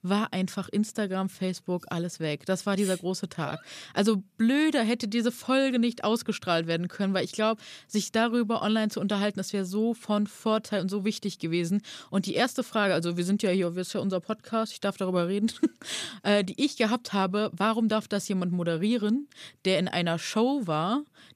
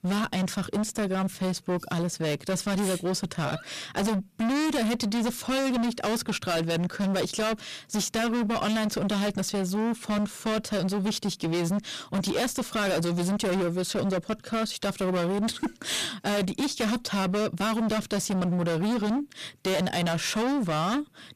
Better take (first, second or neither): first